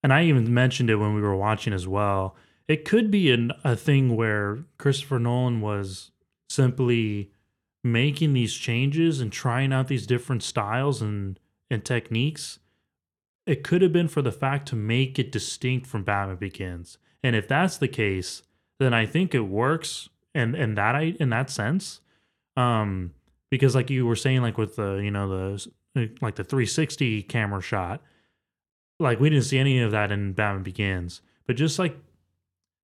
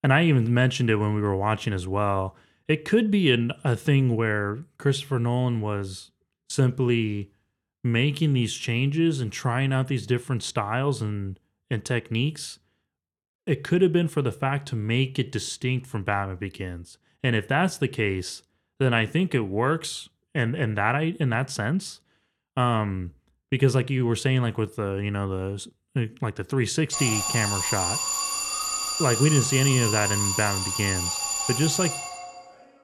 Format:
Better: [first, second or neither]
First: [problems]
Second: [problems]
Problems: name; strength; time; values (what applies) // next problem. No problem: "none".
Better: first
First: none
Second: alarm; loud; from 27 s on; peak 1 dB above the speech